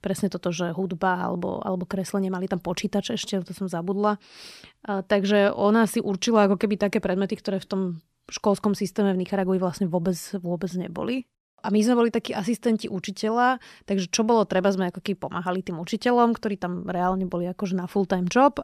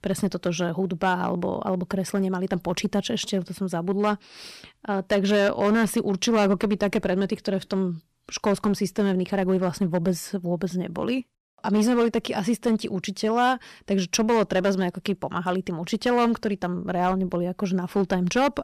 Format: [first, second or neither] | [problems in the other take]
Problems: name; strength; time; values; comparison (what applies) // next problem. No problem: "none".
first | distortion; slight; 5% of the sound clipped